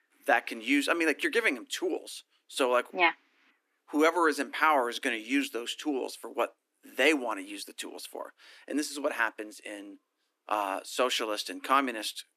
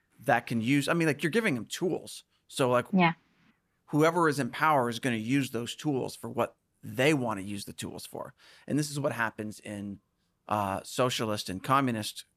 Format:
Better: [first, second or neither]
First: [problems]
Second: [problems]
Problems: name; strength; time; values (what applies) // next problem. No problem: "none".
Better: second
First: thin; very slightly; fading below 300 Hz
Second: none